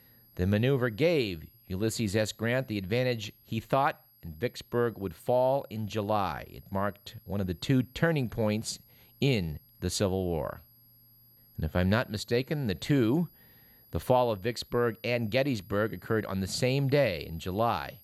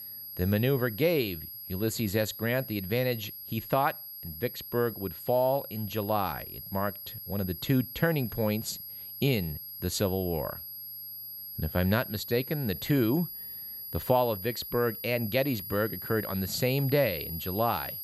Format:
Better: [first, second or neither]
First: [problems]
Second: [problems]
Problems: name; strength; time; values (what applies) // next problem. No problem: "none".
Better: first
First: high-pitched whine; faint; throughout; 11.5 kHz, 25 dB below the speech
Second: high-pitched whine; loud; throughout; 11.5 kHz, 8 dB below the speech